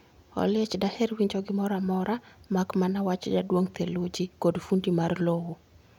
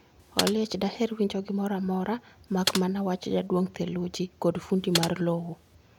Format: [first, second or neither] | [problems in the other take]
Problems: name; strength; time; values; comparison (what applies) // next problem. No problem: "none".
first | background sound (Computer keyboard); 6 dB below the speech